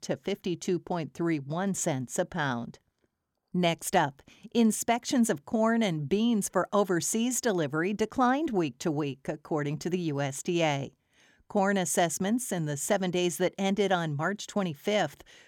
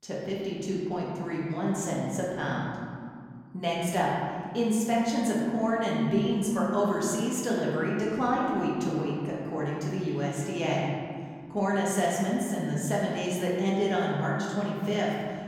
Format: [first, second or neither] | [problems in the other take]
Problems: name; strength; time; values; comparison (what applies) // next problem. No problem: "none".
first | room echo; noticeable; dies away in 2.1 s // off-mic speech; far